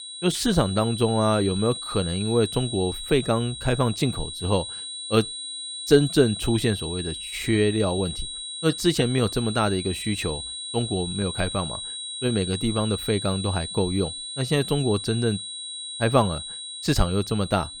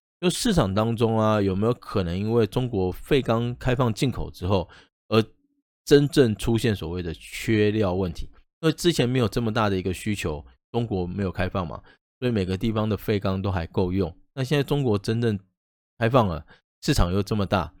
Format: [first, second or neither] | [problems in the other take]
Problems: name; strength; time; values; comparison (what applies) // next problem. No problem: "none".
second | high-pitched whine; loud; throughout; 4 kHz, 7 dB below the speech